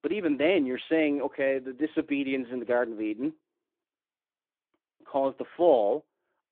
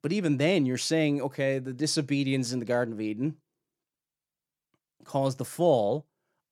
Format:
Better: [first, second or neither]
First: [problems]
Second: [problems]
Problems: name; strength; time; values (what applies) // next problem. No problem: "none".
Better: second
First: phone-call audio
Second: none